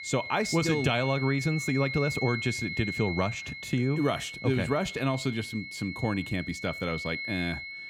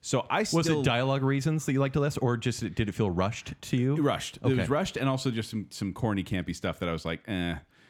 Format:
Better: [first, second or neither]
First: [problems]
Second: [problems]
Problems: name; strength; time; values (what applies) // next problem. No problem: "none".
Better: second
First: high-pitched whine; loud; throughout; 2 kHz, 6 dB below the speech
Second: none